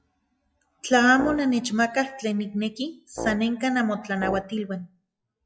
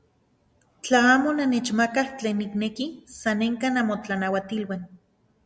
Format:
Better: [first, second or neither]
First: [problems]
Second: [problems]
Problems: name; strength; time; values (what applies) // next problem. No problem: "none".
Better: second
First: noise reduction (classical method log-MMSE)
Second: none